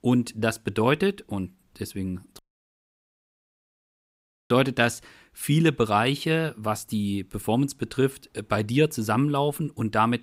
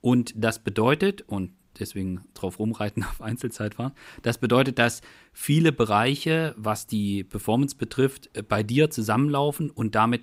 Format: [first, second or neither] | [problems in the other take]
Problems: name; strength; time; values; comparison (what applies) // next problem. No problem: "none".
second | audio cutting out; at 2.5 s for 2 s